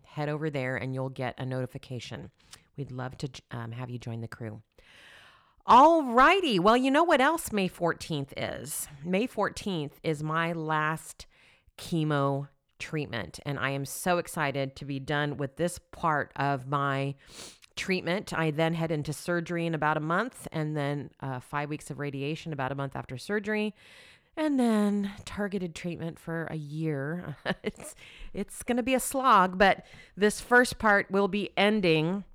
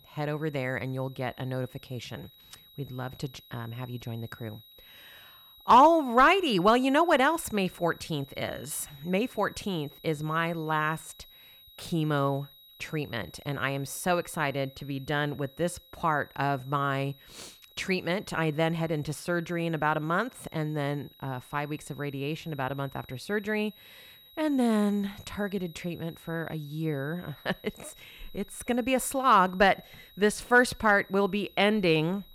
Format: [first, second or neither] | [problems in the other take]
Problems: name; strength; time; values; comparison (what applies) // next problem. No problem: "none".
first | high-pitched whine; faint; throughout; 4 kHz, 25 dB below the speech